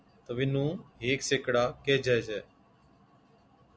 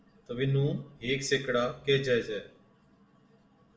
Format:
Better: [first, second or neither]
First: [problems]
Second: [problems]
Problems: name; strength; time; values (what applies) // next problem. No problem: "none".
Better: first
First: none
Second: room echo; dies away in 0.5 s